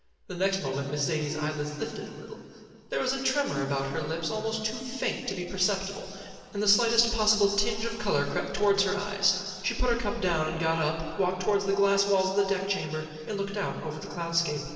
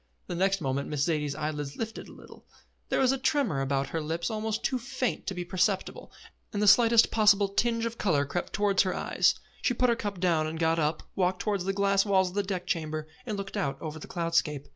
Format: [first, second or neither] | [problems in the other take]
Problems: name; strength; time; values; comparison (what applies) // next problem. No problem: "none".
second | room echo; dies away in 2.5 s